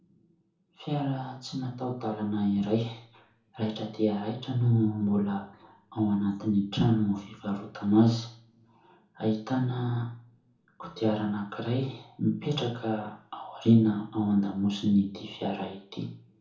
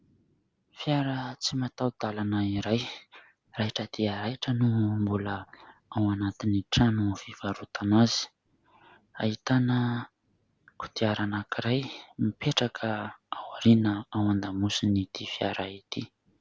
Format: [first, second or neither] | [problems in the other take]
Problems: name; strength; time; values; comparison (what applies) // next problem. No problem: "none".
second | room echo; dies away in 0.6 s